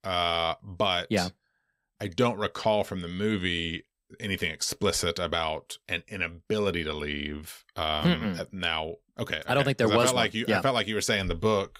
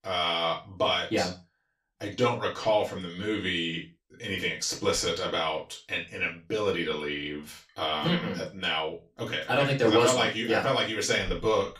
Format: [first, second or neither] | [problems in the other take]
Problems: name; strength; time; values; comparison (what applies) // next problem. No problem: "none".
first | room echo; slight; dies away in 0.2 s // off-mic speech; far